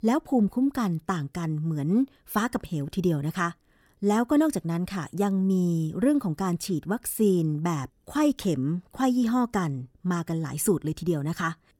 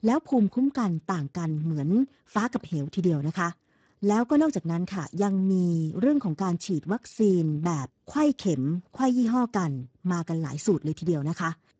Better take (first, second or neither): first